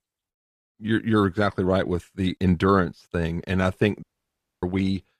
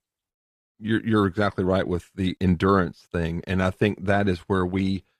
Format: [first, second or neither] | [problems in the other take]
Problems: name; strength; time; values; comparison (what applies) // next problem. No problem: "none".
second | audio cutting out; at 4 s for 0.5 s